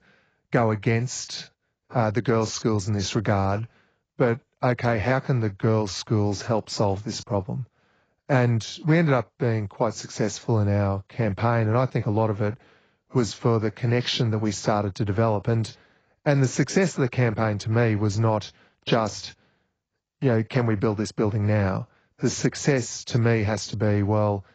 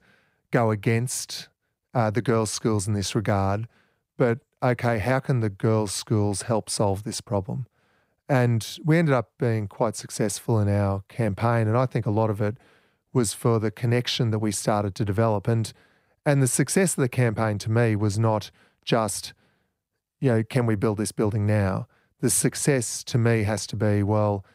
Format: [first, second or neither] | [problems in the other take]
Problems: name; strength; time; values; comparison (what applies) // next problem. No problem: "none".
second | garbled, watery; badly; nothing above 7.5 kHz